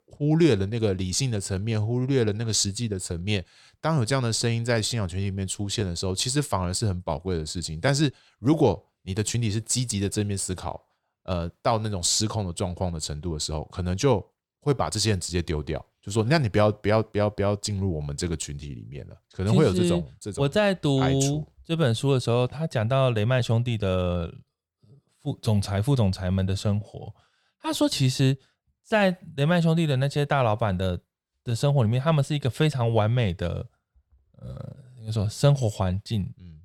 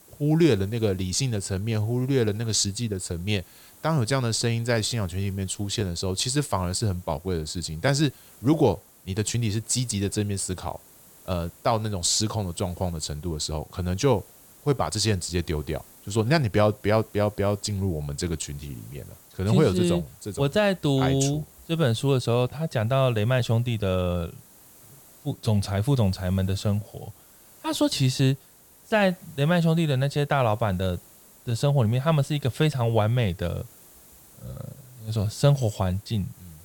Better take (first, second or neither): first